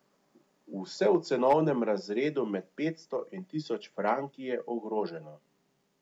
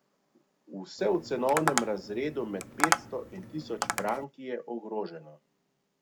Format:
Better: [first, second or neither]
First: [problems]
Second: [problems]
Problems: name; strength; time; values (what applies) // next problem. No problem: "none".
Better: first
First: none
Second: background sound (Tap); as loud as the speech